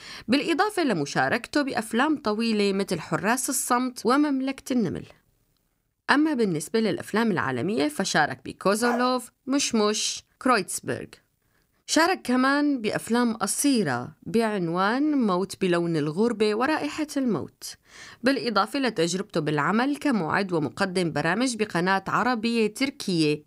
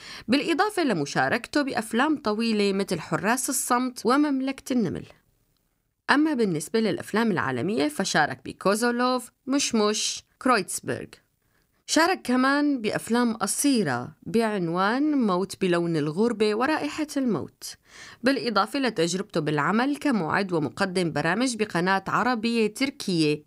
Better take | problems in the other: second | dog barking; noticeable; at 9 s; peak 8 dB below the speech

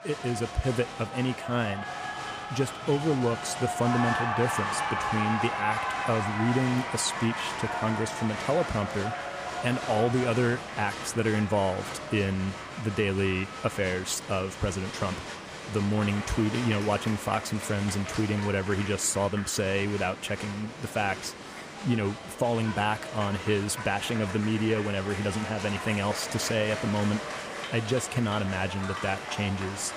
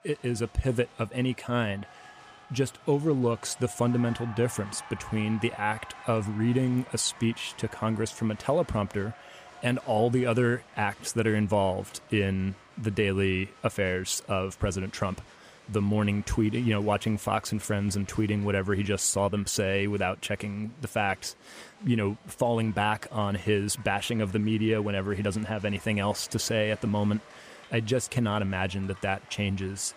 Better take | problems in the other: second | crowd noise; loud; throughout; 6 dB below the speech; faint in the second

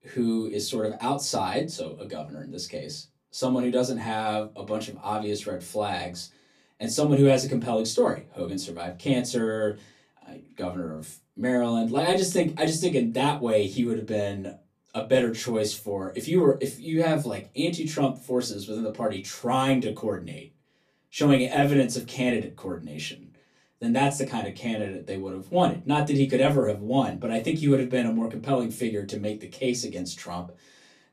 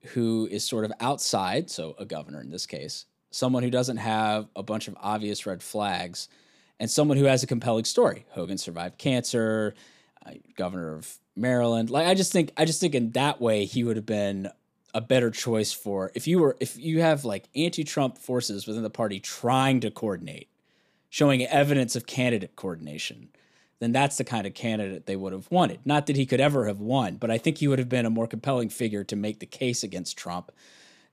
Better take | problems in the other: second | off-mic speech; far // room echo; very slight; dies away in 0.2 s

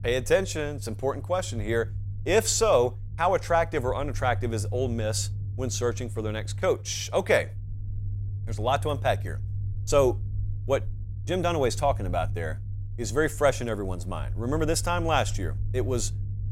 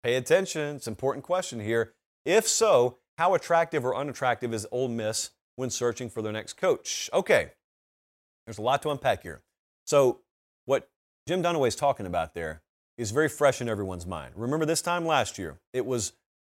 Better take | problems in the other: second | low rumble; faint; throughout; 20 dB below the speech

